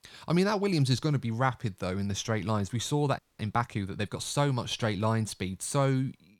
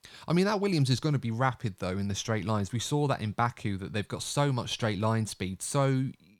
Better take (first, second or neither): second